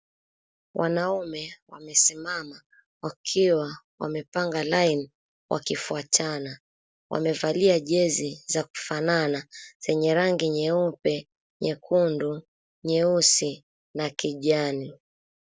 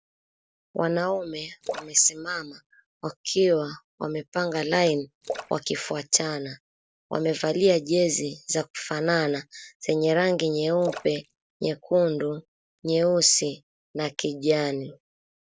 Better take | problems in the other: first | background sound (Splash, splatter); 15 dB below the speech

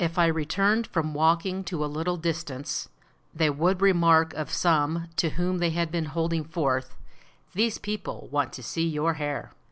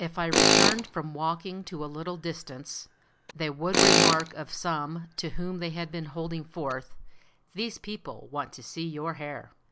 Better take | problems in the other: first | background sound (Tools); 5 dB above the speech

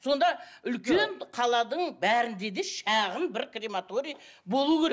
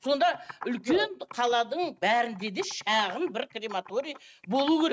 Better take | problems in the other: first | noise reduction (neural mask model RNNoise)

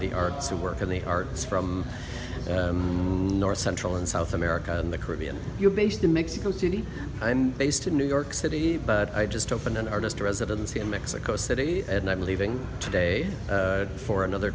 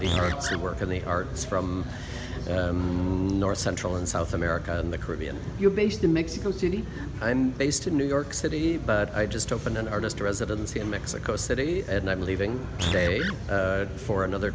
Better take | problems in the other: first | background sound (Animal); 4 dB below the speech

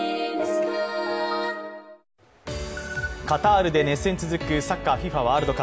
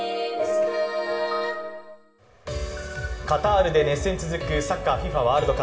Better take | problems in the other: first | room echo; dies away in 2.6 s

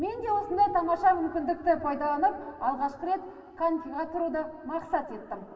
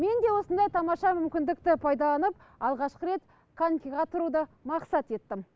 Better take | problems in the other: second | room echo; dies away in 2.7 s

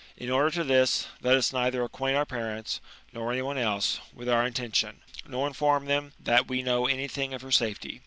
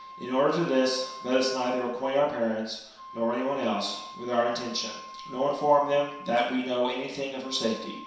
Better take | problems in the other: first | background sound (Wind instrument, woodwind instrument); 16 dB below the speech // room echo; dies away in 0.7 s

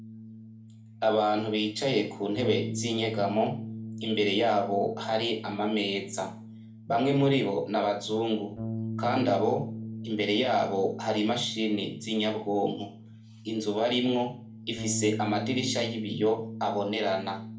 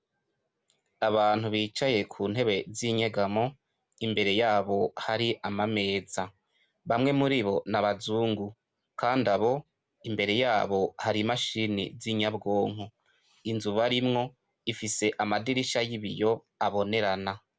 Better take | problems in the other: second | background sound (Bass guitar); 10 dB below the speech // room echo; dies away in 0.4 s

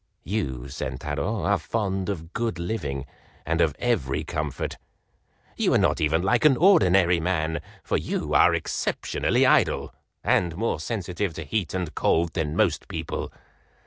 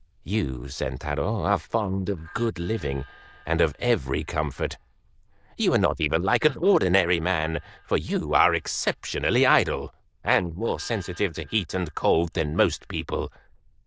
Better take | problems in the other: first | noise reduction (neural diffusion model UNIVERSE++)

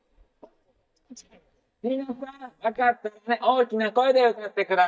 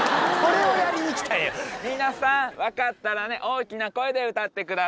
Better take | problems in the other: second | noise reduction (neural mask model DeepFilterNet 3)

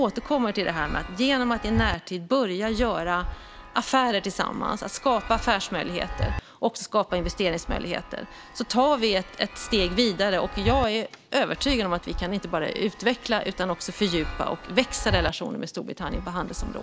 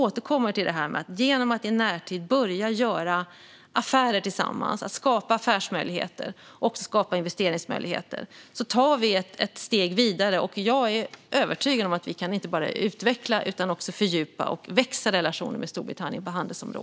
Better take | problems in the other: second | background sound (Chime); 10 dB below the speech

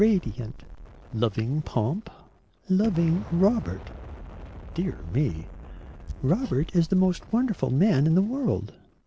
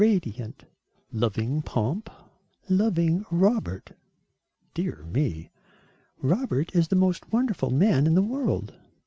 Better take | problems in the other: second | background sound (Explosion + Hammer); 15 dB below the speech

